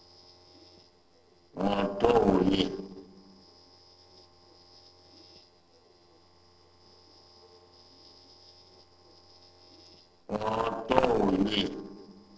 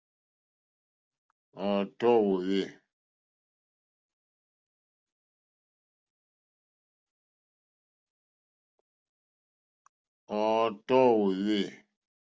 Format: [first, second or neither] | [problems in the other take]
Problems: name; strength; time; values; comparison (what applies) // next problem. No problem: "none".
second | noise reduction (neural separator model SepFormer DNS4)